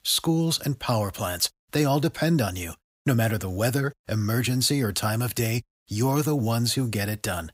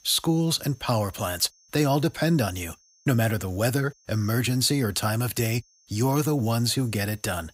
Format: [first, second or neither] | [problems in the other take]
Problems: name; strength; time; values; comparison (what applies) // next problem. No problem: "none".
first | high-pitched whine; faint; throughout; 6 kHz, 35 dB below the speech